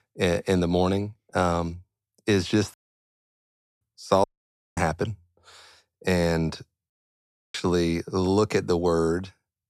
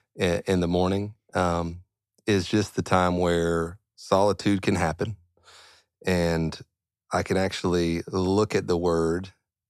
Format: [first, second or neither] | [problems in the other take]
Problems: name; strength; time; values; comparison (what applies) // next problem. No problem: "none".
second | audio cutting out; at 2.5 s for 1 s, at 4 s for 0.5 s and at 7 s for 0.5 s